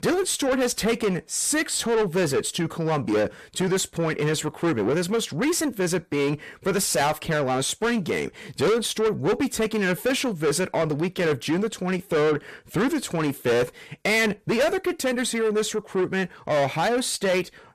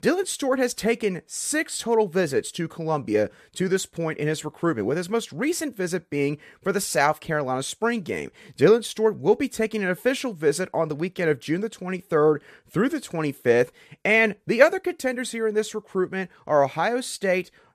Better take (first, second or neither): second